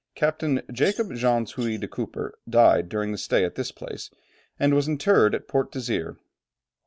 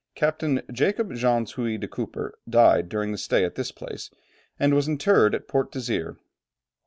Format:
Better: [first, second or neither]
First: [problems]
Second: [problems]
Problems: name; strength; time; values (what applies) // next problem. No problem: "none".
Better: second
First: background sound (Bird vocalization, bird call, bird song); 20 dB below the speech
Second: none